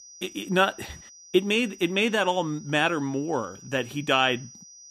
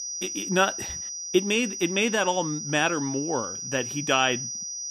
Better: first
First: high-pitched whine; faint; throughout; 6 kHz, 20 dB below the speech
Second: high-pitched whine; loud; throughout; 6 kHz, 6 dB below the speech

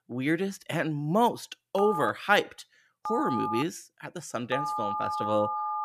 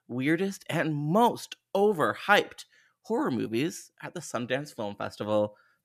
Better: second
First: phone ringing; noticeable; from 2 s on; peak 2 dB below the speech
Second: none

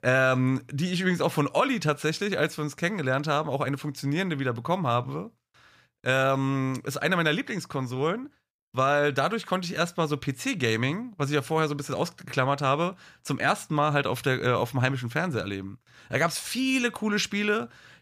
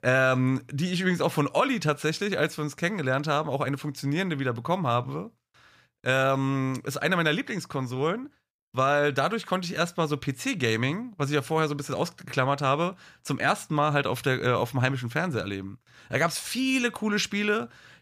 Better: neither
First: none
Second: none

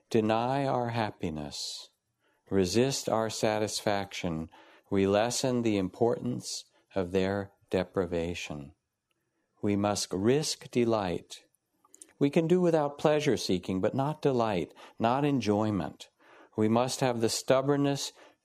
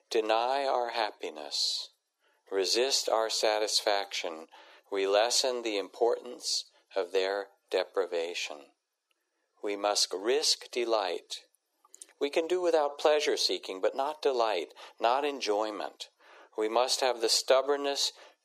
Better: first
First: none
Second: thin; very; fading below 400 Hz

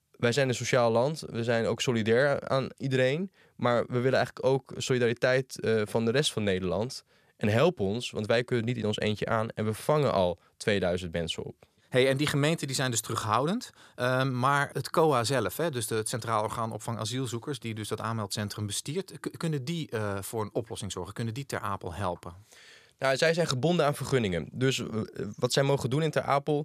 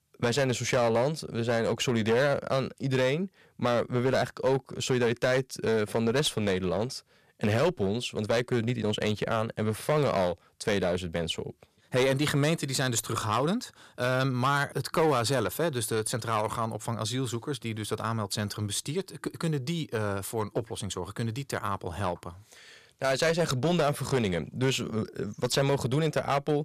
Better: first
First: none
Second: distortion; slight; 6% of the sound clipped

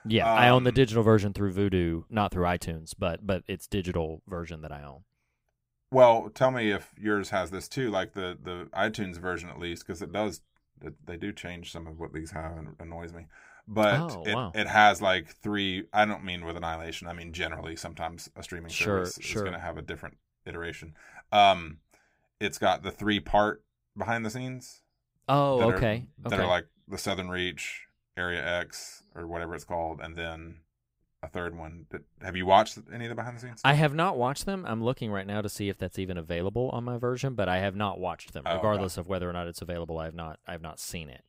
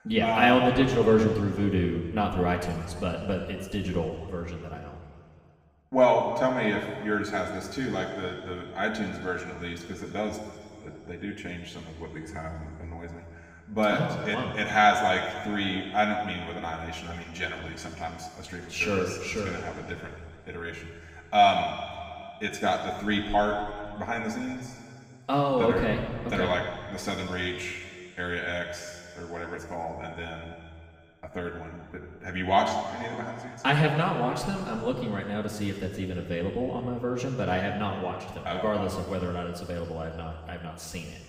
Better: first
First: none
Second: room echo; noticeable; dies away in 2.3 s // off-mic speech; far

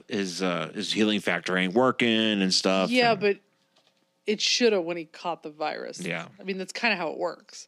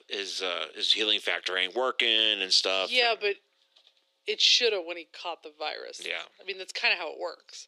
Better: first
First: none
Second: thin; very; fading below 400 Hz

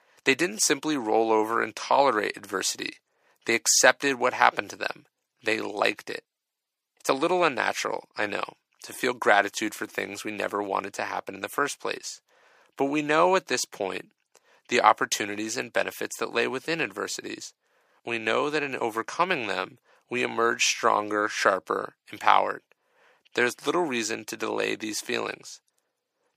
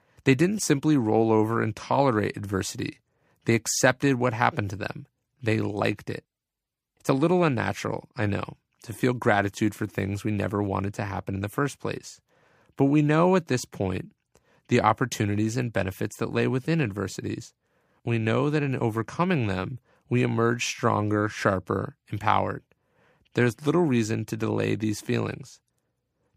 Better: second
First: thin; somewhat; fading below 500 Hz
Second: none

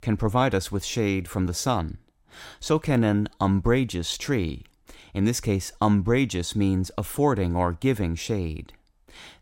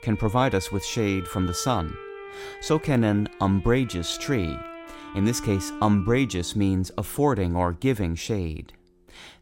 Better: first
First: none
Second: background music; noticeable; throughout; 15 dB below the speech

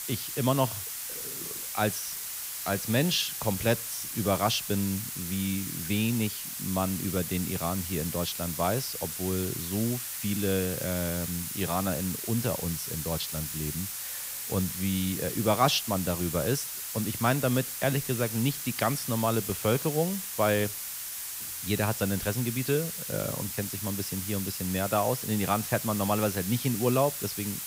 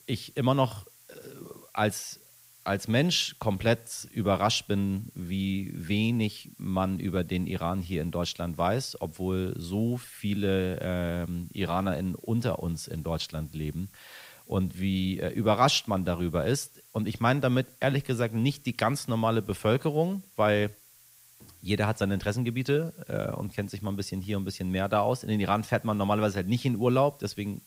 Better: second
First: hiss; loud; throughout; 4 dB below the speech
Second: hiss; faint; throughout; 25 dB below the speech

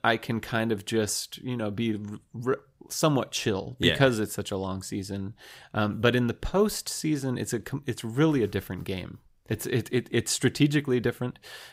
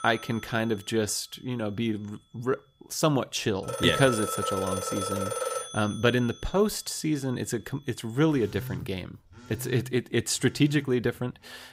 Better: first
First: none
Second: alarms or sirens; loud; throughout; 6 dB below the speech

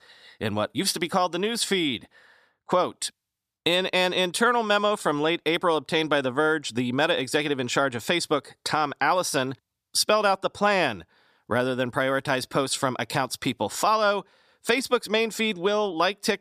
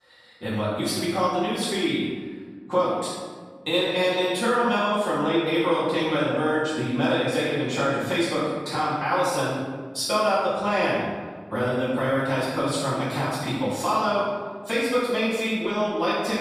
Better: first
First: none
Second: off-mic speech; far // room echo; strong; dies away in 1.6 s

